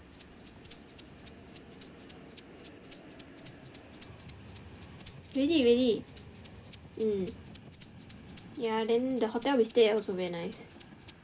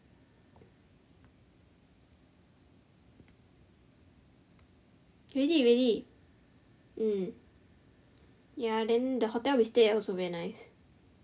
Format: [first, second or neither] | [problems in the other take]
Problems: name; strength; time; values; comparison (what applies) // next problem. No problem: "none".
second | background sound (Rattle (instrument) + Train); 17 dB below the speech